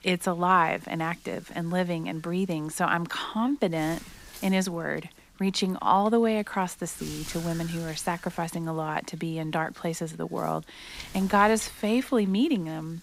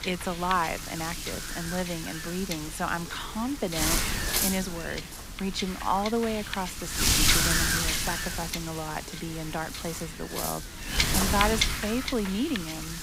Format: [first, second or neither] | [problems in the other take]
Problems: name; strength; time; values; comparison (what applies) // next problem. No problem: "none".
first | wind noise on the microphone; heavy; 2 dB above the speech; occasional gusts in the first